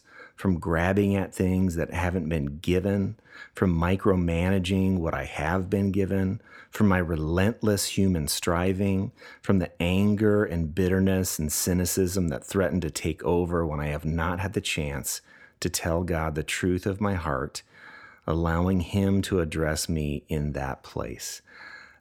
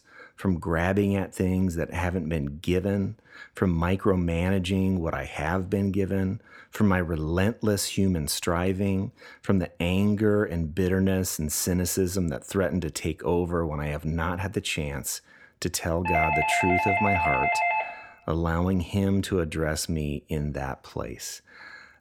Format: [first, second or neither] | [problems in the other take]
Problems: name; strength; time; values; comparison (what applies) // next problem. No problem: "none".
first | doorbell; loud; from 16 to 18 s; peak 4 dB above the speech